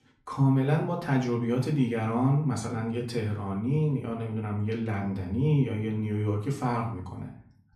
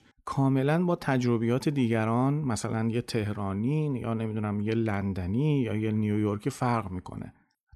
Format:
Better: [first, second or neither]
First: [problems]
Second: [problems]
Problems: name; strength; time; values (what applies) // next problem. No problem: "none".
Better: second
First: room echo; slight; dies away in 0.4 s // off-mic speech; far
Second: none